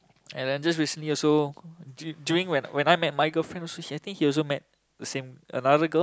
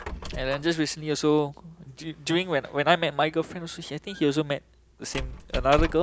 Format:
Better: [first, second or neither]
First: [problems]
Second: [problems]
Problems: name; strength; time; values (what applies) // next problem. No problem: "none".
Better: first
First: none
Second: background sound (Squeak); 10 dB below the speech